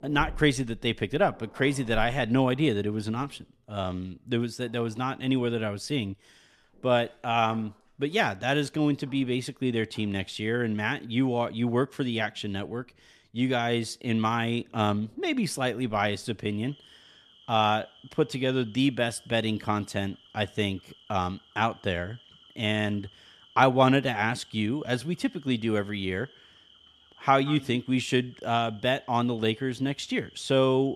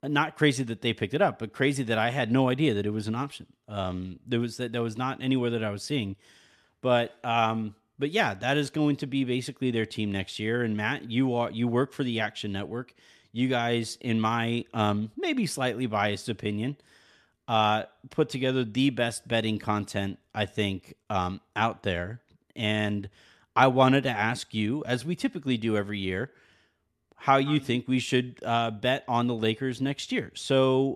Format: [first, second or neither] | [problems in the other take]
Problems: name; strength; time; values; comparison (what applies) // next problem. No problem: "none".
second | animal sounds; faint; throughout; 25 dB below the speech